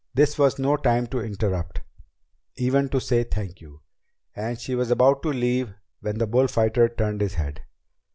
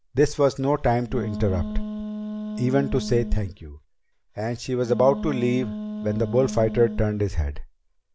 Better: first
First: none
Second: background sound (Wind instrument, woodwind instrument); 9 dB below the speech

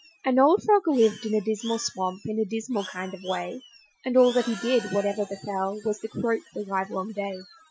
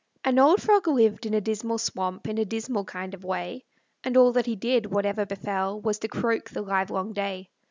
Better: second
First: noise reduction (classical method Wiener filter)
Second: none

